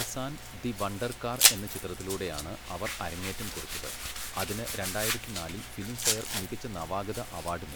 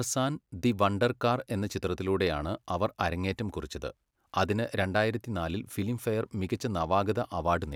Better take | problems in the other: second | background sound (Domestic sounds, home sounds); 3 dB above the speech

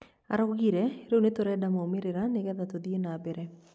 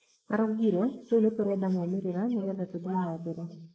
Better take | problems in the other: first | noise reduction (neural mask model Resemble Enhance denoiser)

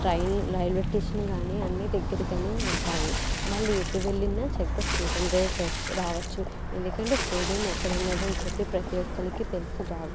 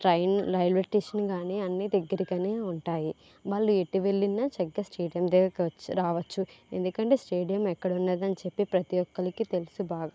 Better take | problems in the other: second | background sound (Water / Splash, splatter + Walk, footsteps); 1 dB above the speech

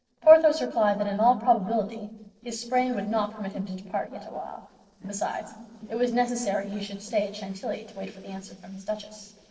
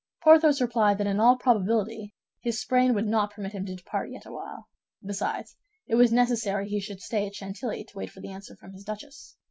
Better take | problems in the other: second | noise reduction (neural separator model SepFormer DNS4)

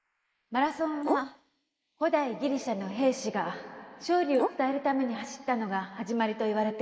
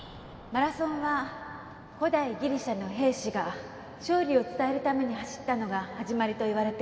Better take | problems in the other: second | noise reduction (neural mask model Resemble Enhance denoiser)

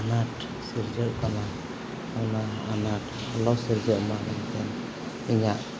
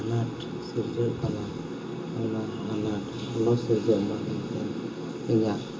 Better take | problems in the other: first | room echo; dies away in 0.2 s

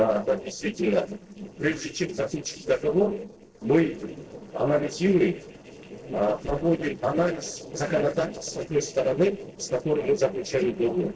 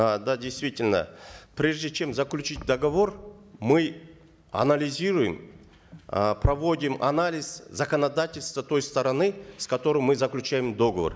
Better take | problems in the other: second | noise reduction (neural separator model SepFormer DNS4)

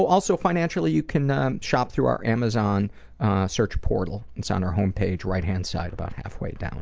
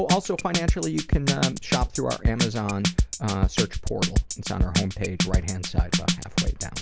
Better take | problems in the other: first | background sound (Drum kit); 3 dB above the speech

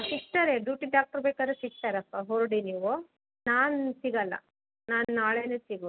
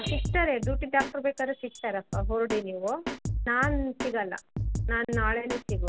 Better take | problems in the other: first | background sound (Drum kit); 2 dB below the speech

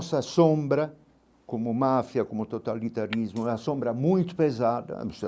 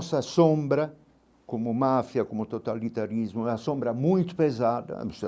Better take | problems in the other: second | background sound (Glass); 18 dB below the speech

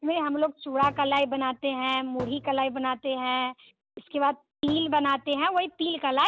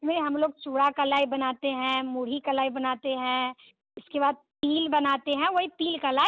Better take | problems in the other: second | background sound (Thump, thud); 17 dB below the speech

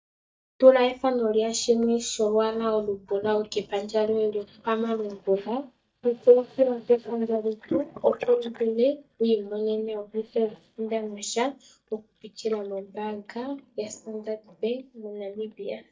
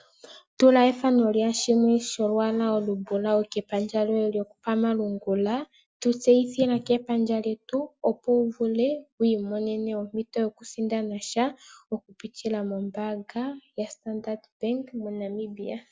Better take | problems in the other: second | noise reduction (neural mask model DeepFilterNet 3)

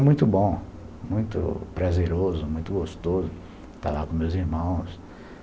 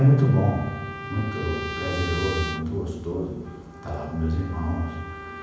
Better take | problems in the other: first | background sound (Trumpet); 11 dB below the speech // room echo; dies away in 1 s

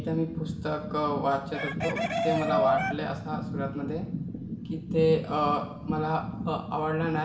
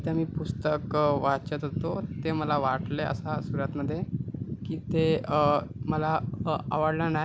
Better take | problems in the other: second | background sound (Chicken, rooster); 2 dB below the speech // room echo; dies away in 0.8 s

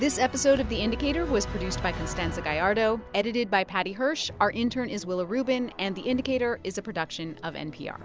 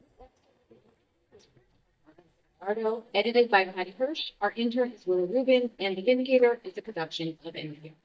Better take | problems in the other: first | noise reduction (neural mask model DeepFilterNet 3)

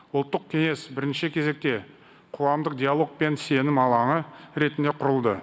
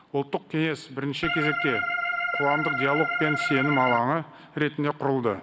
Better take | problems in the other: first | background sound (Organ); as loud as the speech

